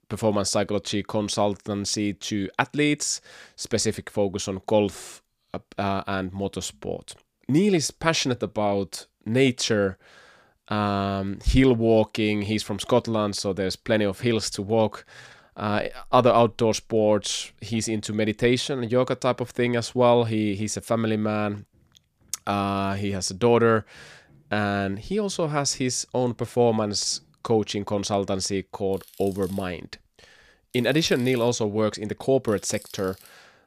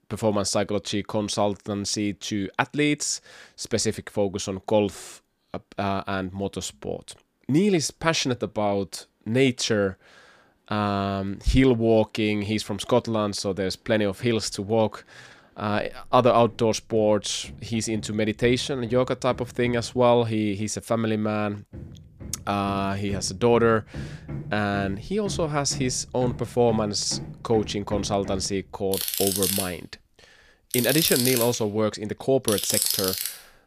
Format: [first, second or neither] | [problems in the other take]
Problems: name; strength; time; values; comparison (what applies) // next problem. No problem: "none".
first | machinery noise; loud; throughout; 5 dB below the speech; faint in the first